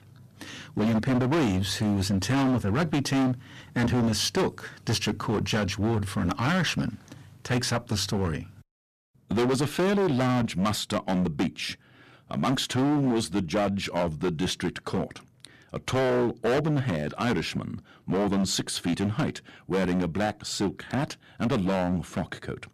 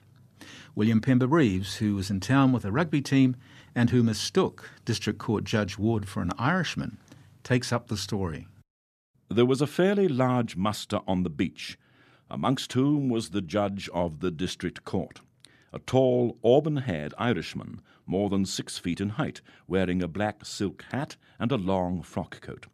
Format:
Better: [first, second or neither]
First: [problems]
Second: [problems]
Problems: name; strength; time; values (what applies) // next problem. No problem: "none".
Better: second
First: distortion; heavy; 16% of the sound clipped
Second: none